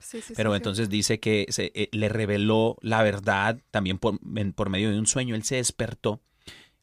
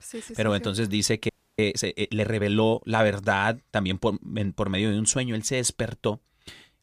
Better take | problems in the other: first | audio freezing; at 1.5 s

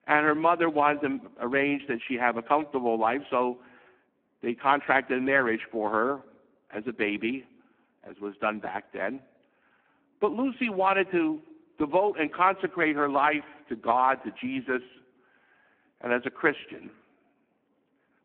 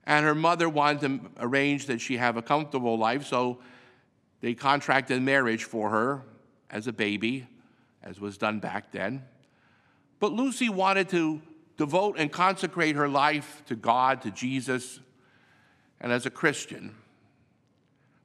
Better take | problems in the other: second | phone-call audio; poor line

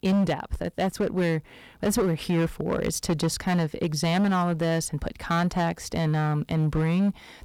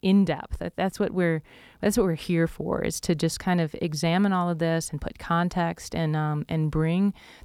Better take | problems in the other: second | distortion; slight; 13% of the sound clipped

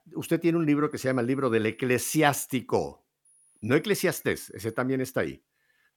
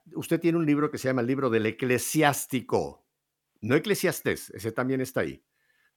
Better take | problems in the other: second | high-pitched whine; faint; from 1 to 2 s and from 3.5 to 5 s; 10.5 kHz, 35 dB below the speech

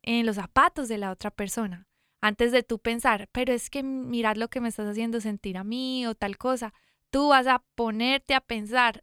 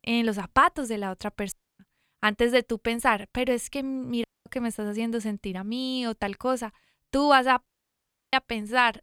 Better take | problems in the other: first | audio cutting out; at 1.5 s, at 4 s and at 7.5 s for 0.5 s

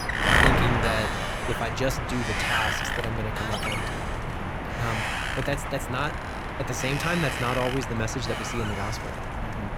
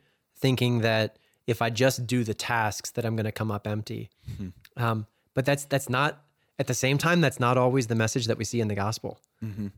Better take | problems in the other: second | wind noise on the microphone; heavy; 4 dB above the speech

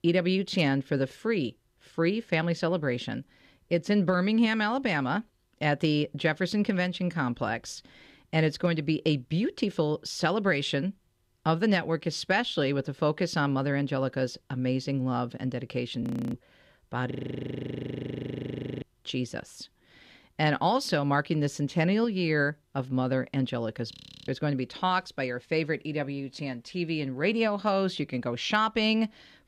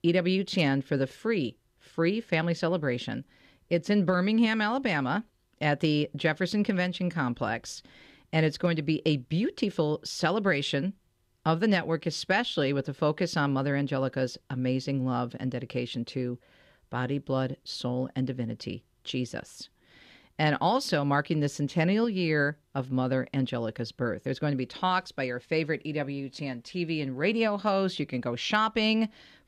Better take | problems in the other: second | audio freezing; at 16 s, at 17 s for 1.5 s and at 24 s

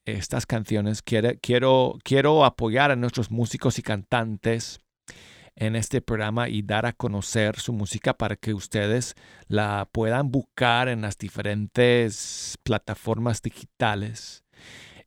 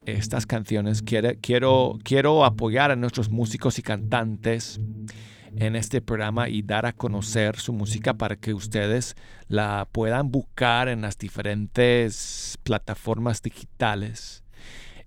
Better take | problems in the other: first | alarms or sirens; noticeable; throughout; 10 dB below the speech

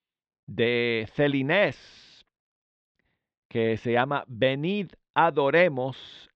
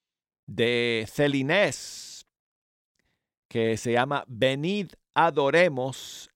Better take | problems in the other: second | muffled; slightly; fading above 3.5 kHz

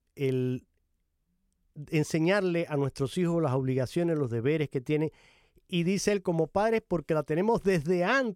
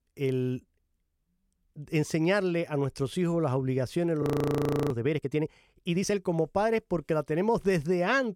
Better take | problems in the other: first | audio freezing; at 4 s for 0.5 s

